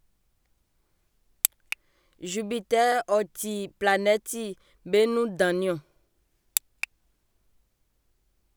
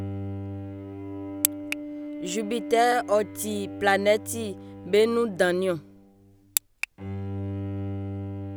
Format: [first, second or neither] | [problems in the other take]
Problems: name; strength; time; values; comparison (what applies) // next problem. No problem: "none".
first | background sound (Bowed string instrument); 8 dB below the speech